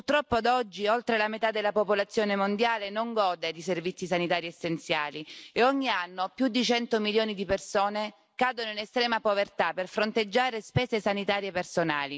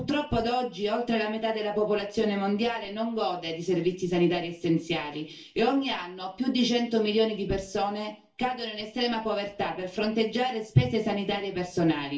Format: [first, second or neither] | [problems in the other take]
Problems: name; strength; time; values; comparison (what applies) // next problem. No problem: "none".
first | room echo; dies away in 0.3 s